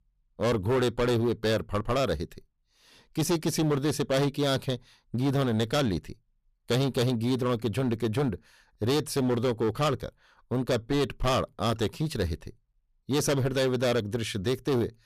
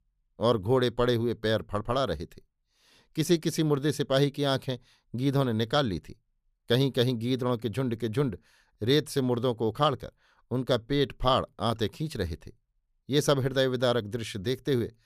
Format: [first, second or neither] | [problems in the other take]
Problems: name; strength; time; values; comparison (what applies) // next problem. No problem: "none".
second | distortion; heavy; 13% of the sound clipped